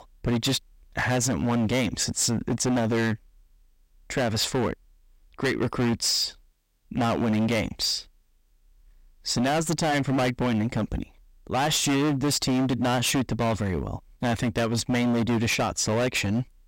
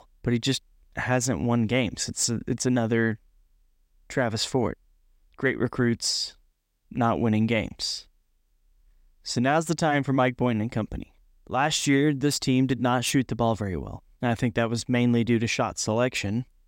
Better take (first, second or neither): second